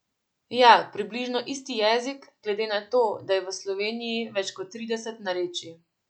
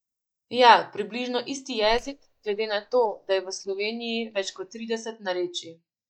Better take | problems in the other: first | noise reduction (neural mask model DeepFilterNet 3)

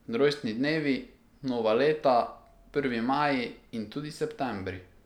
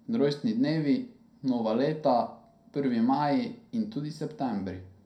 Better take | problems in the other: first | room echo; dies away in 0.2 s

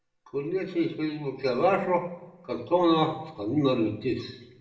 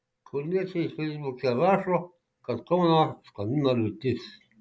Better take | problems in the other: second | room echo; dies away in 0.7 s

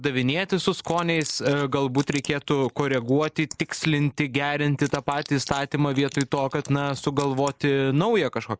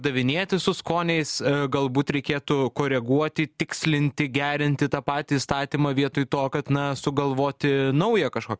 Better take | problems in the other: second | noise reduction (neural mask model Resemble Enhance denoiser)

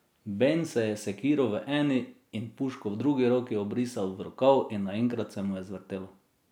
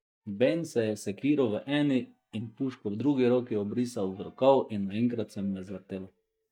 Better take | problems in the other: first | noise reduction (neural mask model DeepFilterNet 3)

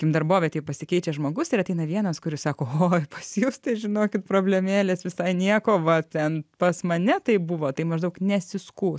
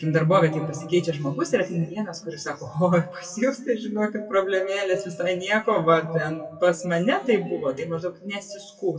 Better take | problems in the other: first | noise reduction (classical method WPE with log-MMSE)

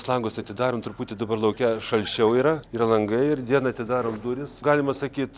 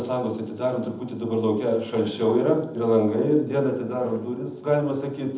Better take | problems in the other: first | room echo; dies away in 0.8 s

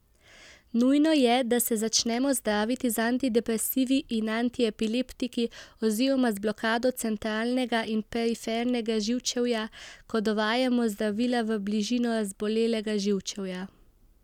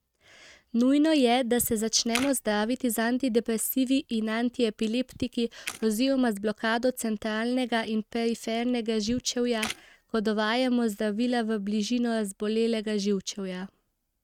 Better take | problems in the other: first | noise reduction (neural mask model RNNoise)

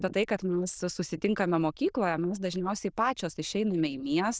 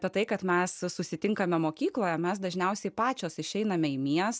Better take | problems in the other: second | noise reduction (neural diffusion model UNIVERSE++)

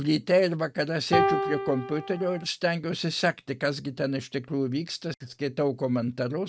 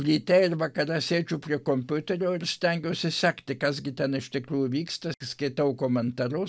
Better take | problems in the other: second | noise reduction (neural mask model RNNoise)

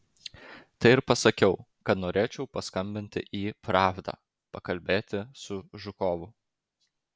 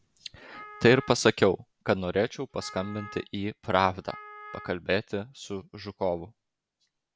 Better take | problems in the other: first | background sound (Wind instrument, woodwind instrument); 19 dB below the speech

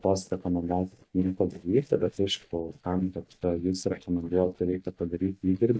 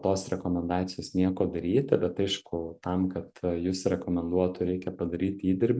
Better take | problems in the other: second | noise reduction (neural mask model DeepFilterNet 3)

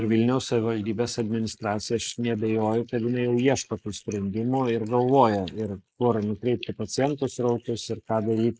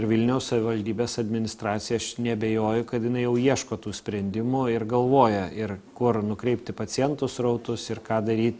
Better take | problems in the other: second | noise reduction (neural mask model Resemble Enhance denoiser)

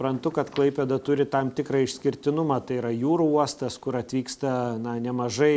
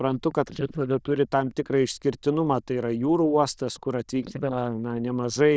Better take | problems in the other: first | noise reduction (neural diffusion model UNIVERSE++)

